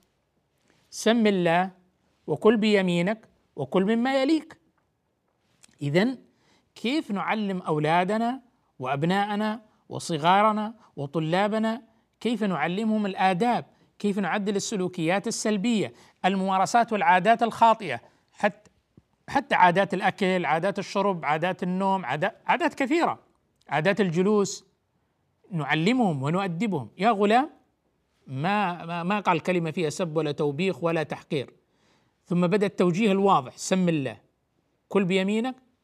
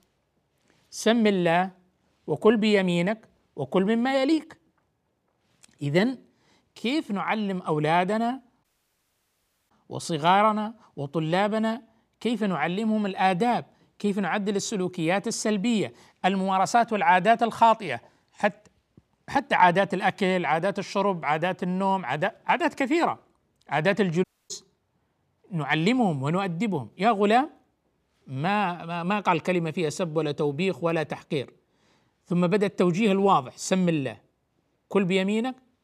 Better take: first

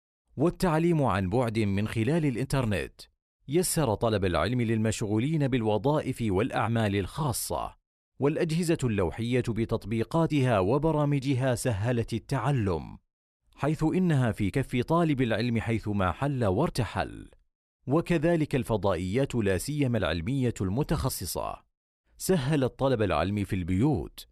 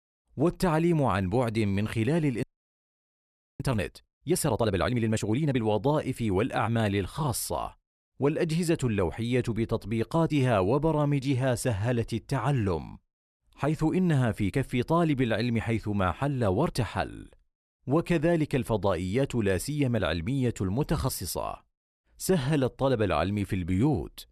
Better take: first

